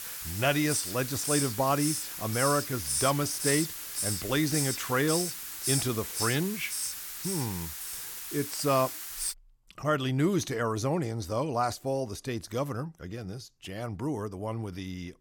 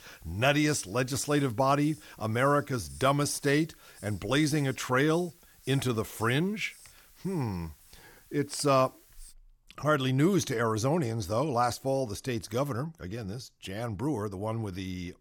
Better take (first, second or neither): second